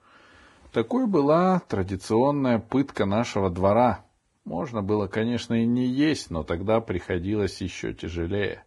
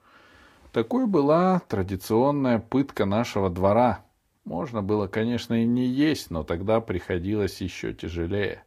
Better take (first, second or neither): second